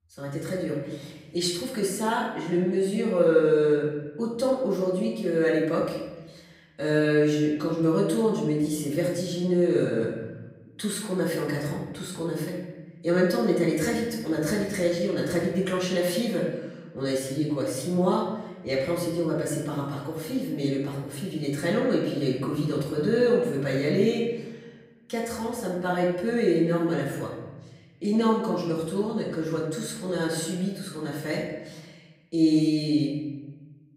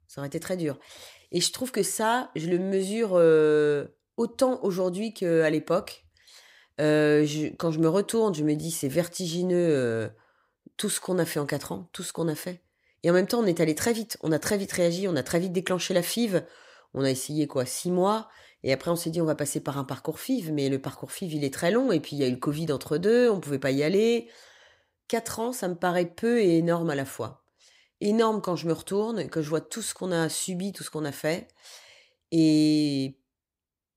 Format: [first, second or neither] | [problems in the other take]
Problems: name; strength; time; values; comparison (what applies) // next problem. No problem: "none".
second | off-mic speech; far // room echo; noticeable; dies away in 1.2 s